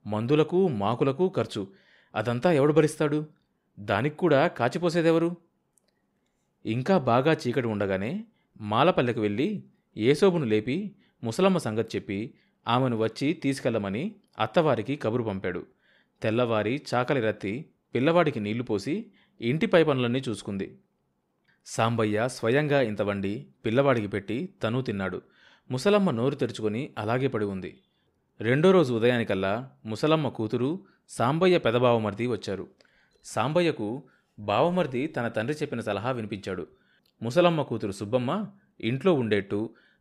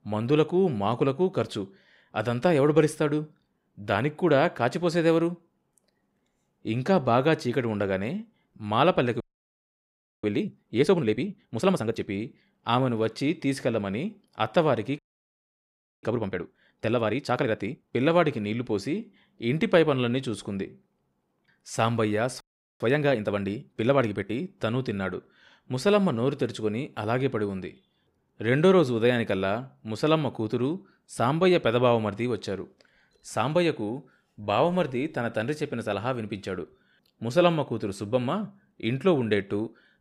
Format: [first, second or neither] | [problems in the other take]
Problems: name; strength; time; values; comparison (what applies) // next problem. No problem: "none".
first | audio freezing; at 9 s for 1 s, at 15 s for 1 s and at 22 s